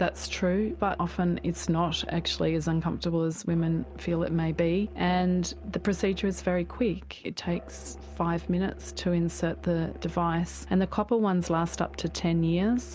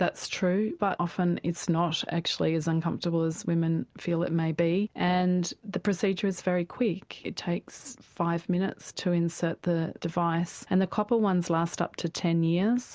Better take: second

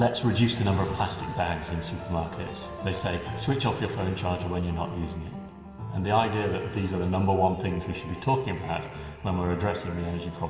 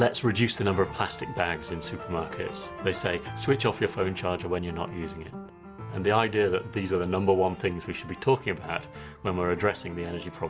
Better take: second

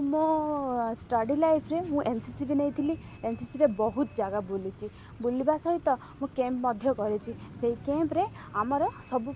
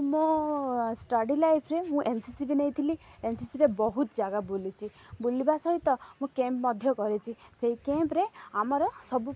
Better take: second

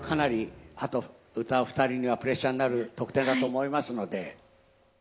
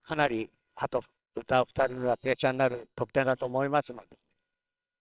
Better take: first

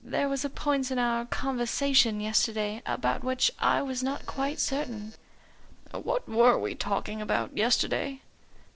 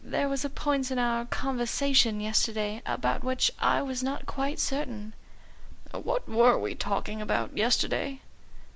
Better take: second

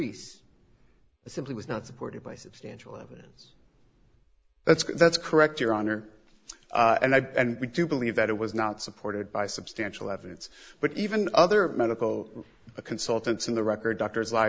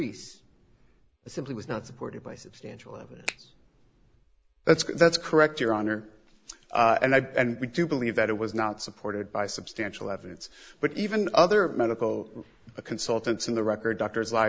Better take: first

